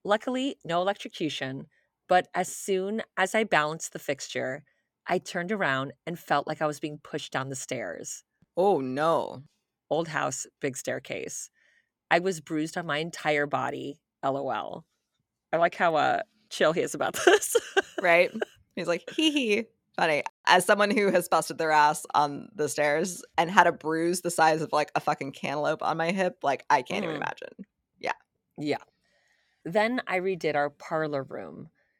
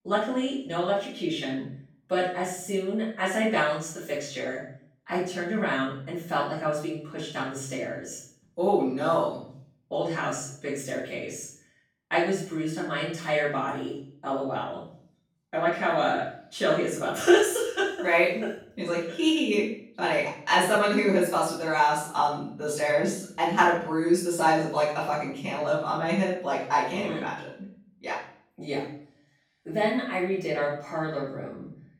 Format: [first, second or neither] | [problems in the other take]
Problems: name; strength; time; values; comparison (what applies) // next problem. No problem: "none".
first | off-mic speech; far // room echo; noticeable; dies away in 0.5 s